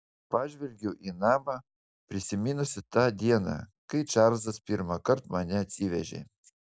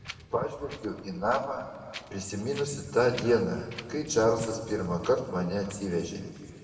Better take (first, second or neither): first